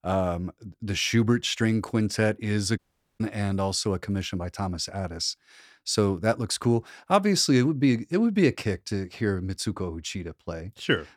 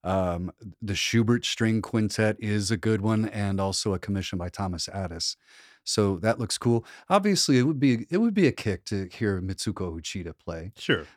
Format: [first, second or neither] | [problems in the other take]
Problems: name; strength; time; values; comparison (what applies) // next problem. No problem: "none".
second | audio cutting out; at 3 s